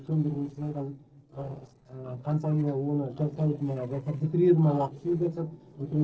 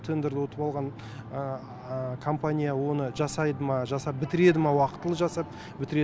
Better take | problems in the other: second | noise reduction (neural separator model SepFormer DNS4)

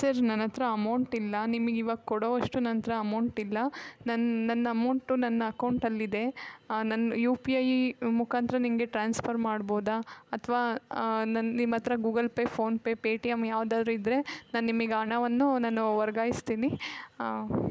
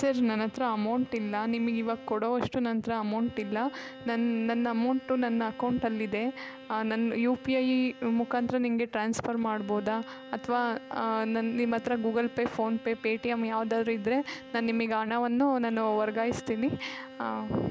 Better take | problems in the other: first | background sound (Bowed string instrument); 18 dB below the speech

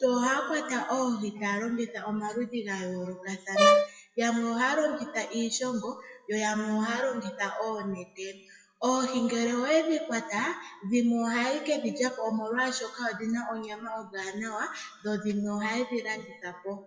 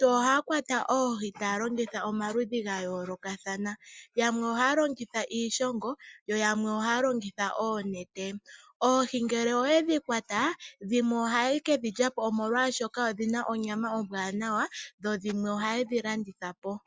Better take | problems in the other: second | noise reduction (classical method WPE with log-MMSE)

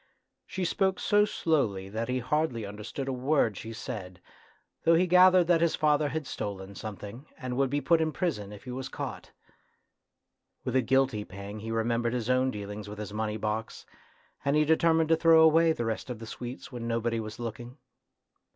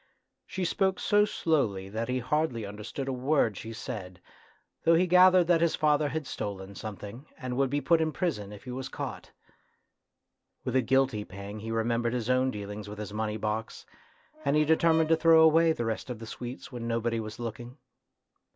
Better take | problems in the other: first | background sound (Brass instrument); 15 dB below the speech

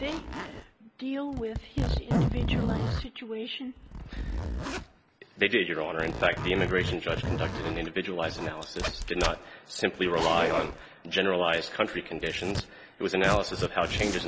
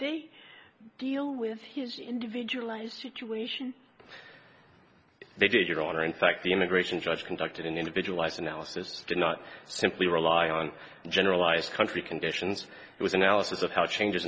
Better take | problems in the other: second | background sound (Zipper (clothing)); 3 dB below the speech

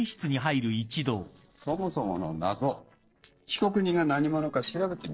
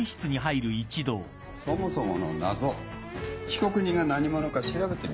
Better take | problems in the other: second | noise reduction (neural separator model SepFormer DNS4)

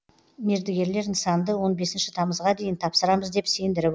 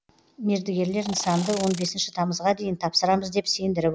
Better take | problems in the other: first | background sound (Insect); 12 dB below the speech

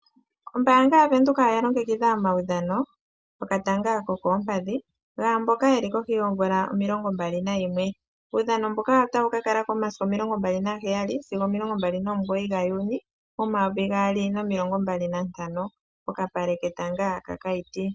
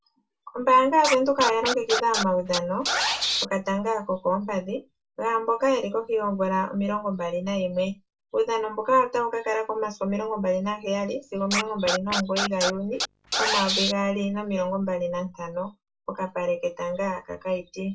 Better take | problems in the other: first | background sound (Scratching (performance technique)); 3 dB below the speech // room echo; dies away in 0.2 s

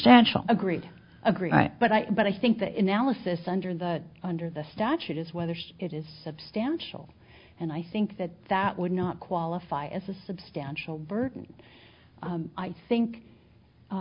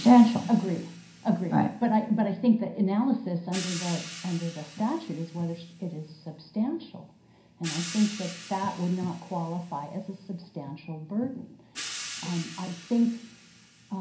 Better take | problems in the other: first | background sound (Hi-hat); 16 dB below the speech // room echo; dies away in 0.5 s

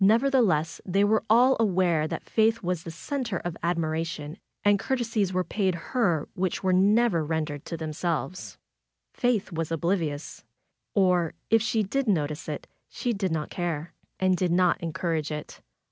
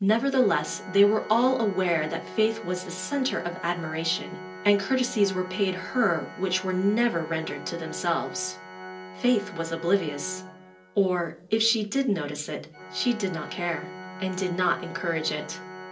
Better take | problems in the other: first | background sound (Organ); 14 dB below the speech // room echo; dies away in 0.3 s

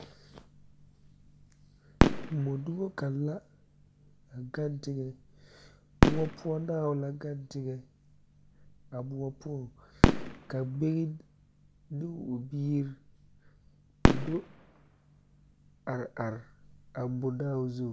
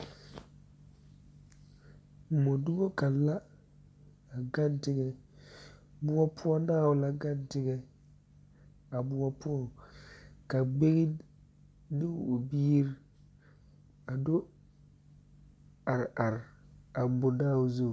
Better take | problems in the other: second | background sound (Fireworks); 3 dB above the speech

